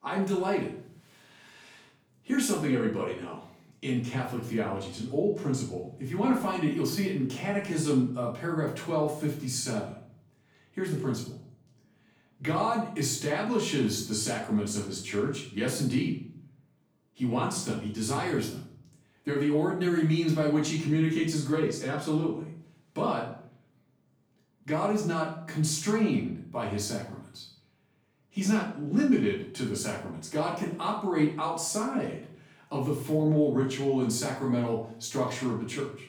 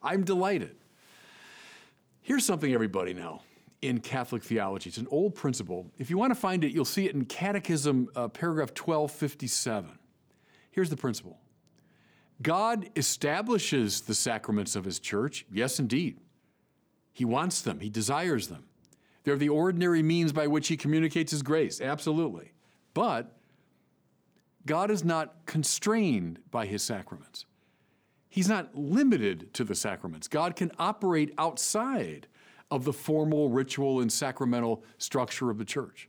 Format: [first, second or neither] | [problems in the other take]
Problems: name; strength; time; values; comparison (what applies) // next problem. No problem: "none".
second | off-mic speech; far // room echo; noticeable; dies away in 0.5 s